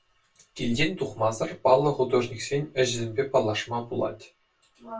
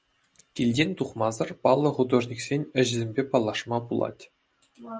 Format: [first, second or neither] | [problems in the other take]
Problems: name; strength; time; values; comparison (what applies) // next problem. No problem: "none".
second | room echo; dies away in 0.2 s